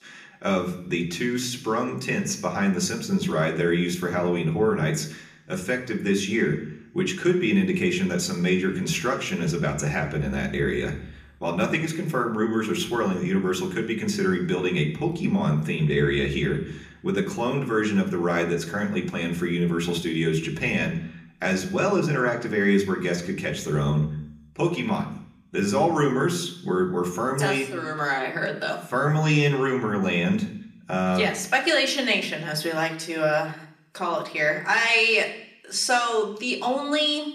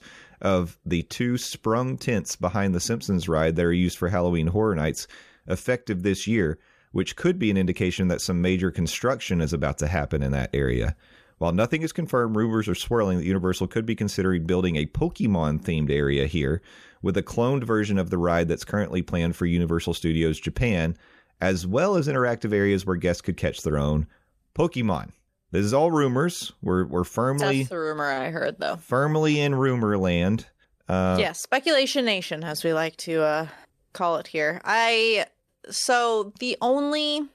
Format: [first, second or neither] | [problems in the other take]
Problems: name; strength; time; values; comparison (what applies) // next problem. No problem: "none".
second | room echo; slight; dies away in 0.6 s // off-mic speech; somewhat distant